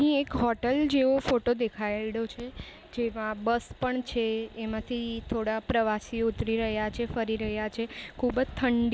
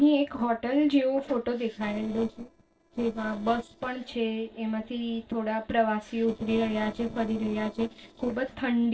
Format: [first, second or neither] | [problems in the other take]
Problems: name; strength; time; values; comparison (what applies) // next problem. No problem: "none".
first | noise reduction (neural separator model SepFormer DNS4)